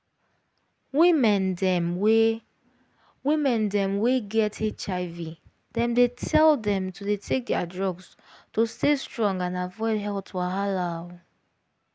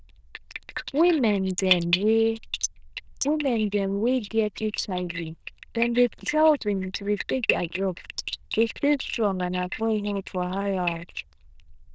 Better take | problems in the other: first | noise reduction (neural diffusion model UNIVERSE++)

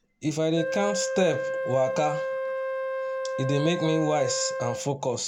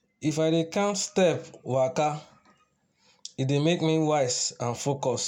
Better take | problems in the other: second | background sound (Wind instrument, woodwind instrument); 3 dB below the speech

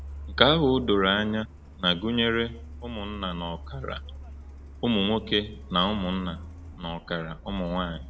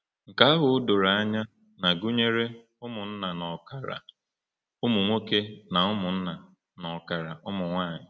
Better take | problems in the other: second | background sound (Truck); 13 dB below the speech

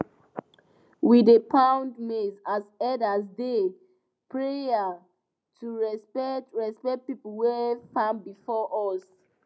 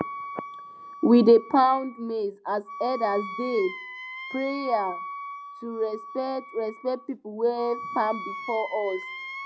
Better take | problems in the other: first | background sound (Wind instrument, woodwind instrument); 12 dB below the speech

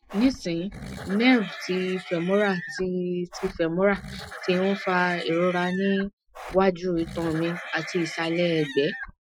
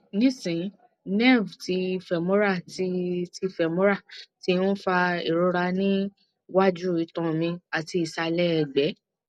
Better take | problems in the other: second | noise reduction (classical method Wiener filter)

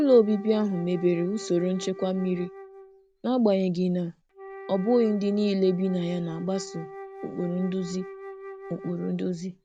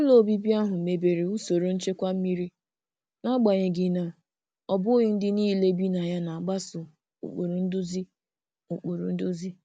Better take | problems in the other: second | background sound (Wind instrument, woodwind instrument); 15 dB below the speech

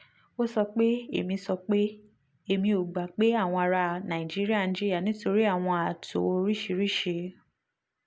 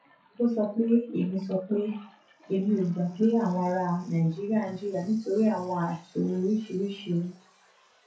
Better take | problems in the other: first | noise reduction (classical method WPE with log-MMSE)

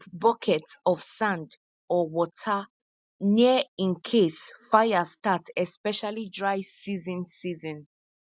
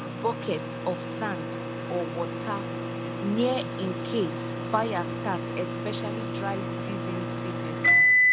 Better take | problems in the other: first | background sound (Microwave oven); 5 dB above the speech

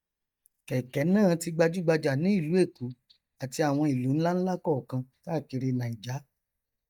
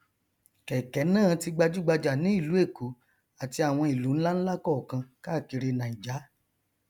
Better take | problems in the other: second | noise reduction (neural mask model DeepFilterNet 3)

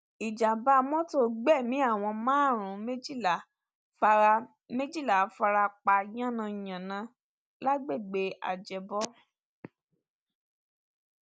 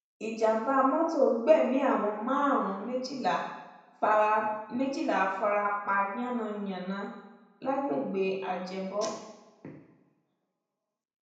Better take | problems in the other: first | room echo; dies away in 0.9 s

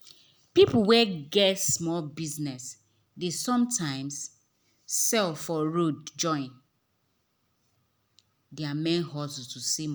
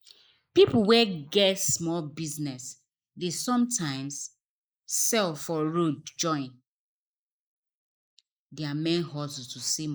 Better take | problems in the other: first | noise reduction (neural mask model Resemble Enhance denoiser)

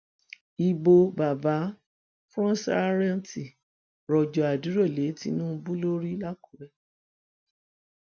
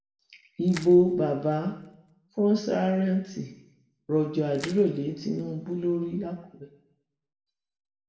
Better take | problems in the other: first | background sound (Crushing); 20 dB below the speech // room echo; dies away in 0.7 s

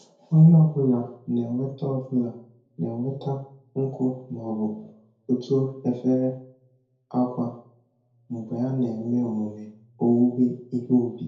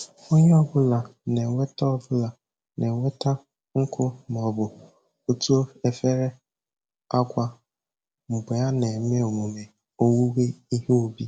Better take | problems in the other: second | room echo; dies away in 0.5 s

